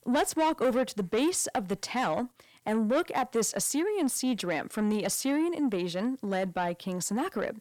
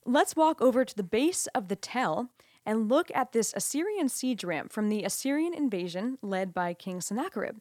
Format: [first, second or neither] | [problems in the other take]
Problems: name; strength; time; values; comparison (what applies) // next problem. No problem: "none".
second | distortion; slight; 10 dB below the speech